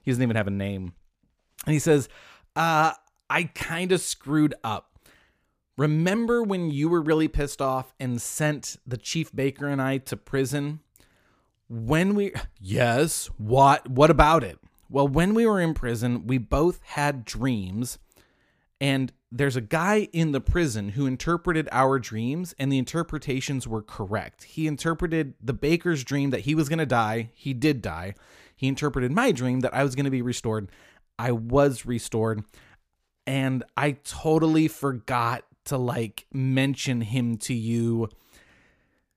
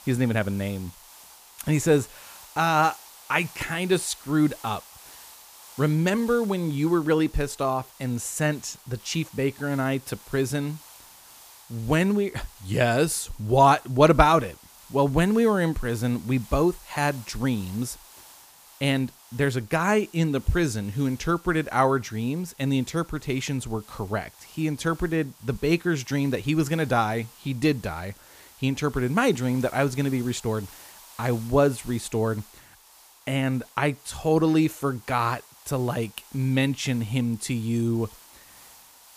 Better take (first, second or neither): first